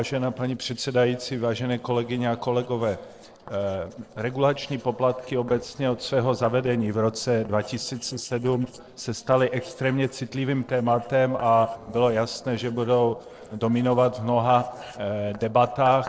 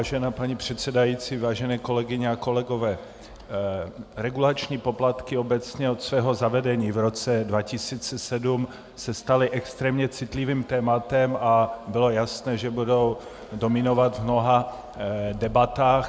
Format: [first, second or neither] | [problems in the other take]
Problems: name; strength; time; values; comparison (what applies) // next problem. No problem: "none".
second | noise reduction (neural separator model SepFormer DNS4)